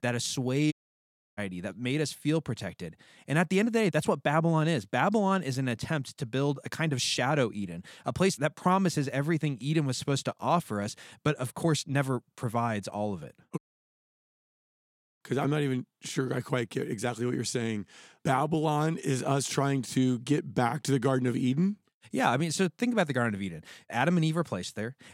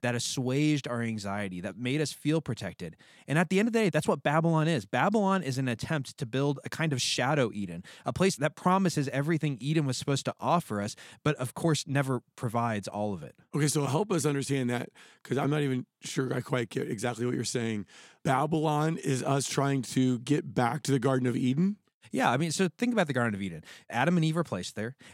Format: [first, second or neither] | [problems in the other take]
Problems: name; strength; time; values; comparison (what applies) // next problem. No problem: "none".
second | audio cutting out; at 0.5 s for 0.5 s and at 14 s for 1.5 s